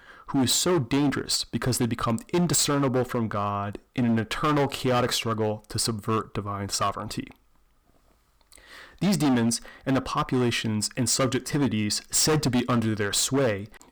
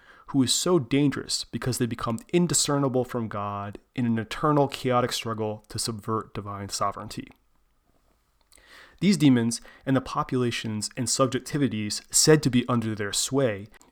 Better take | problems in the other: second | distortion; heavy; 12% of the sound clipped

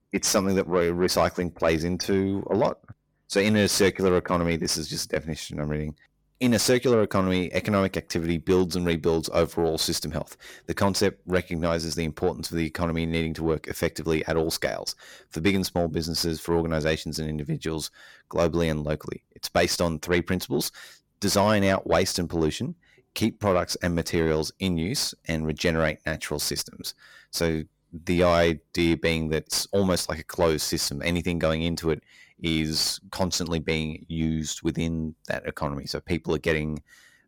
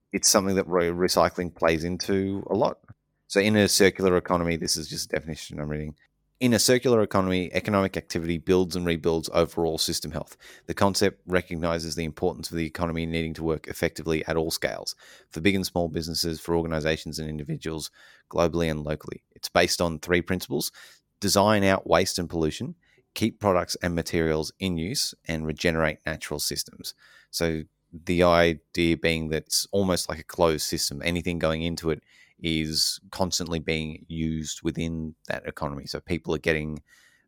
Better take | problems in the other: second | distortion; slight; 10 dB below the speech

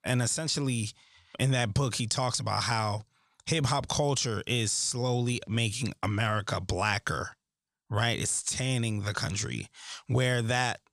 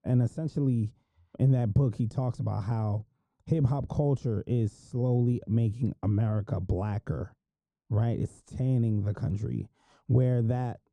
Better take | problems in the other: first | muffled; very; fading above 1 kHz

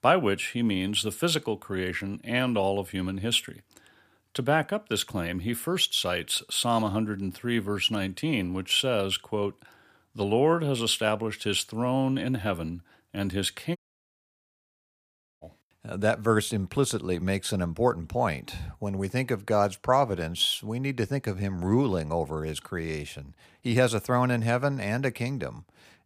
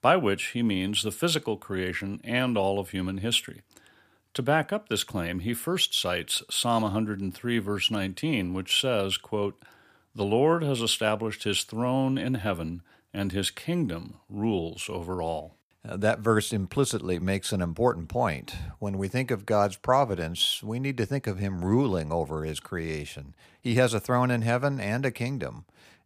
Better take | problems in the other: second | audio cutting out; at 14 s for 1.5 s

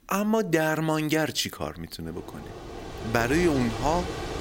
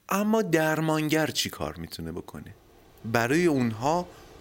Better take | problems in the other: second | rain or running water; loud; throughout; 9 dB below the speech; faint in the second

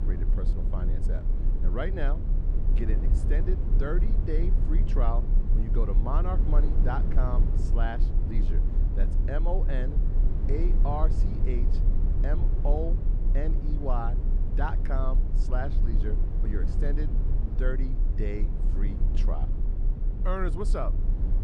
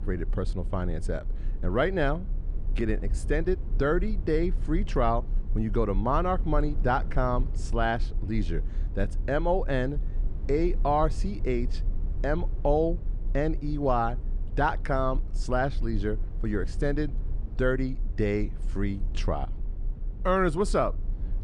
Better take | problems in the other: second | low rumble; loud; throughout; 7 dB below the speech; faint in the second

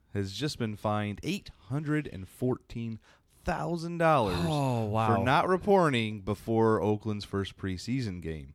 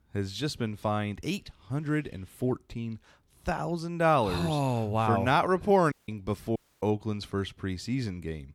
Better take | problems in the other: first | audio cutting out; at 6 s and at 6.5 s

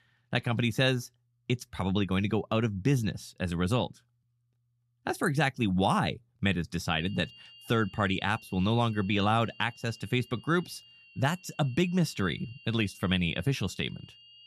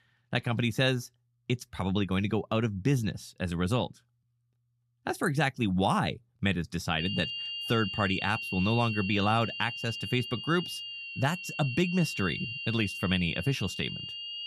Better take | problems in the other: first | high-pitched whine; loud; from 7 s on; 3 kHz, 6 dB below the speech; faint in the first

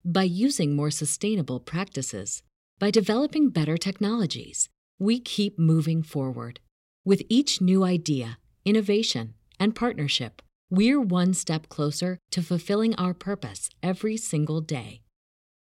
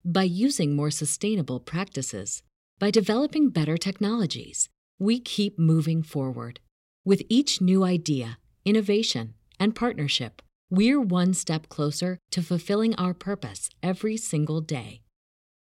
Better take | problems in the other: neither | none

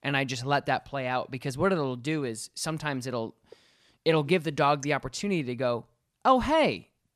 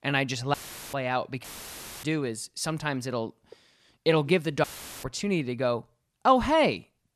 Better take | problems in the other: first | audio cutting out; filled with static; at 0.5 s, at 1.5 s for 0.5 s and at 4.5 s

